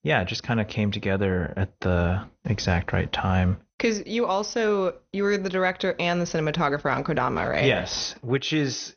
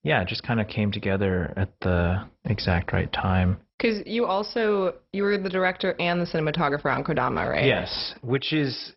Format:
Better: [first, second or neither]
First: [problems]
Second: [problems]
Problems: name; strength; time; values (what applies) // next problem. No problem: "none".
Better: first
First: garbled, watery; slightly; nothing above 6.5 kHz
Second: garbled, watery; badly; nothing above 5.5 kHz